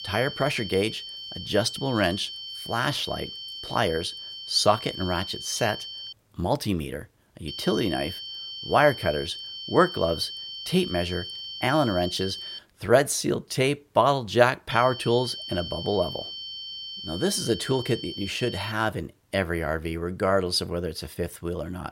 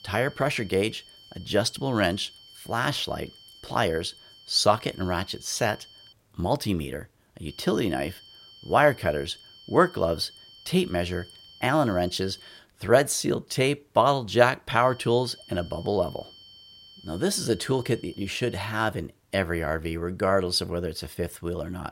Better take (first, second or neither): second